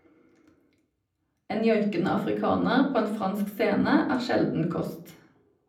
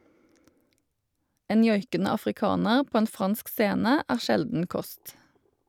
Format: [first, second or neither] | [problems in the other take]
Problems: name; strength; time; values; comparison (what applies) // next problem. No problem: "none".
second | room echo; dies away in 0.6 s